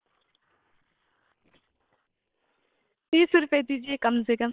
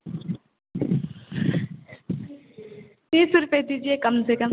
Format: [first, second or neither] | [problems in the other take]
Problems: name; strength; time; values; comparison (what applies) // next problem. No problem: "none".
second | noise reduction (neural separator model SepFormer WHAM!)